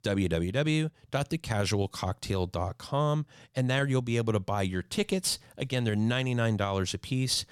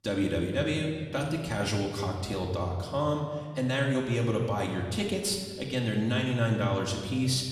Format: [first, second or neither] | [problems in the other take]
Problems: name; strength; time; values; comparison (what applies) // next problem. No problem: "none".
first | room echo; noticeable; dies away in 1.4 s // off-mic speech; far